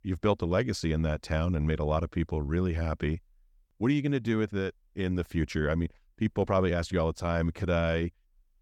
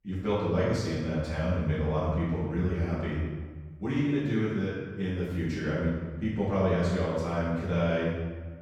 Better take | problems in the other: first | off-mic speech; far // room echo; strong; dies away in 1.2 s

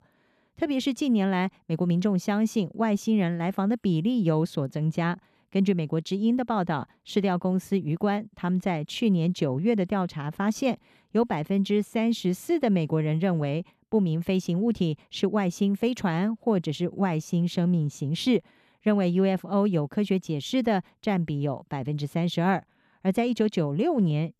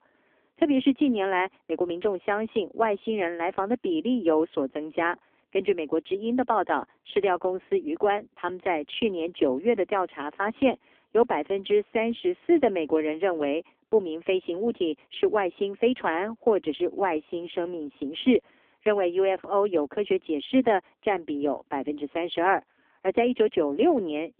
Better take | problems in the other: first | phone-call audio; poor line; nothing above 3.5 kHz

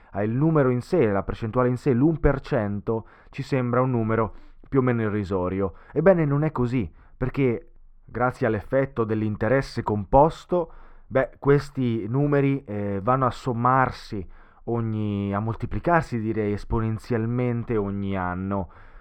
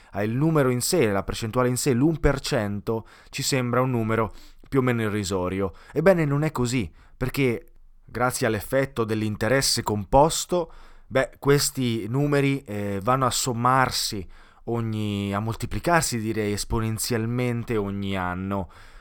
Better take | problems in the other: second | muffled; very; fading above 3.5 kHz

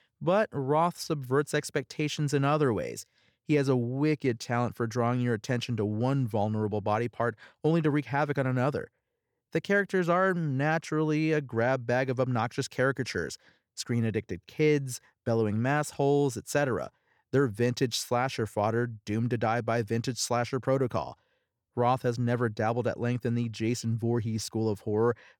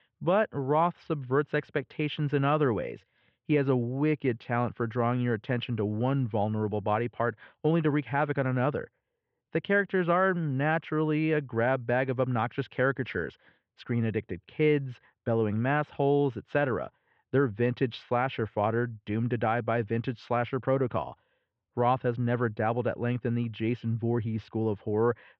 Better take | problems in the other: first | muffled; very; fading above 3 kHz

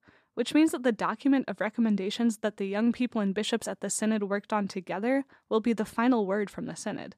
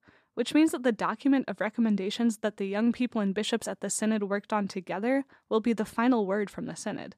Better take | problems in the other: neither | none

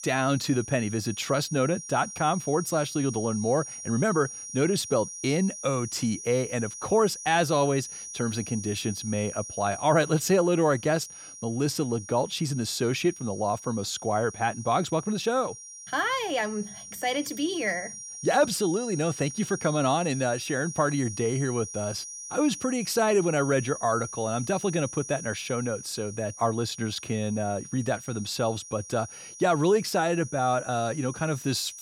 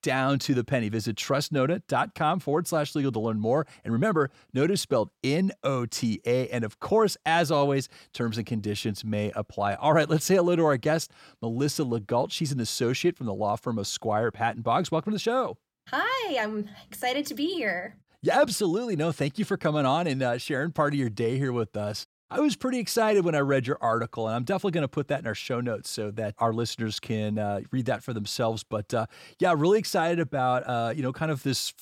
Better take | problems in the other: second | high-pitched whine; noticeable; throughout; 5.5 kHz, 10 dB below the speech

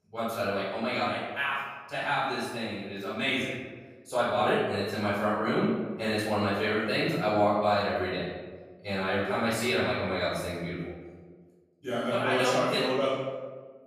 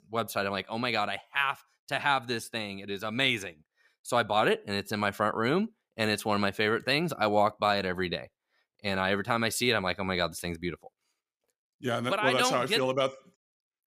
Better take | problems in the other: second | off-mic speech; far // room echo; strong; dies away in 1.3 s

